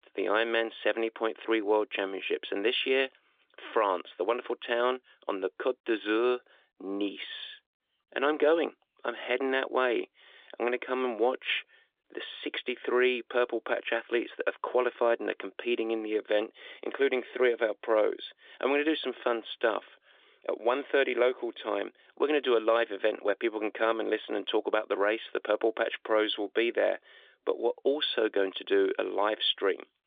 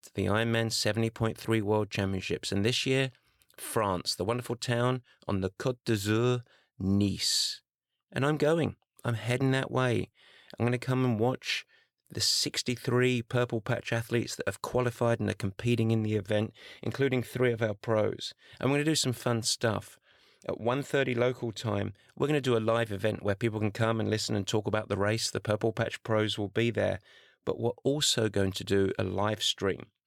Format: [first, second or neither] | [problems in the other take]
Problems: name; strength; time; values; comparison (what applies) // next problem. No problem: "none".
second | phone-call audio